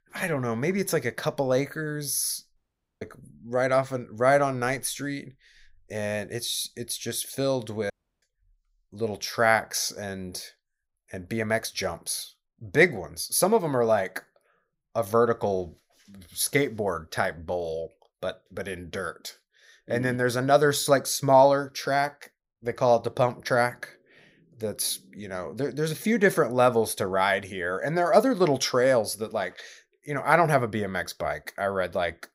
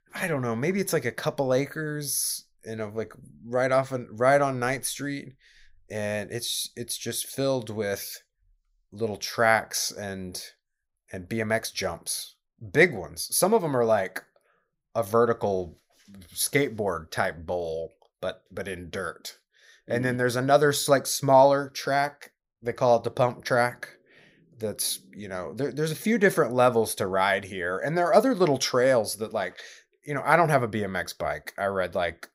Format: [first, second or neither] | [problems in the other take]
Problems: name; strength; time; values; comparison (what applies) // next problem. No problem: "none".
second | audio cutting out; at 2.5 s and at 8 s